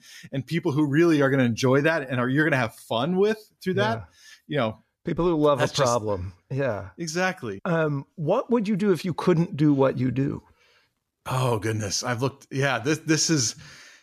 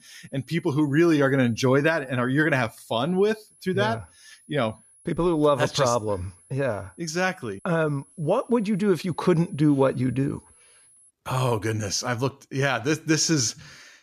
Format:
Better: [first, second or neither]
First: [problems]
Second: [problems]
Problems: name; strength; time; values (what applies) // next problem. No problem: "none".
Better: first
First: none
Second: high-pitched whine; faint; until 11 s; 10.5 kHz, 30 dB below the speech